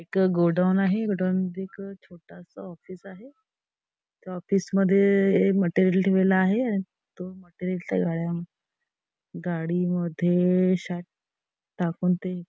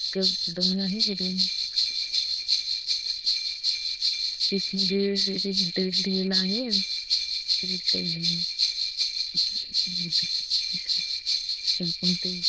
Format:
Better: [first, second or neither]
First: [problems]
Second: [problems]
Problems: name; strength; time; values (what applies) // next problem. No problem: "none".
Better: first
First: none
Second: noise reduction (neural diffusion model UNIVERSE++)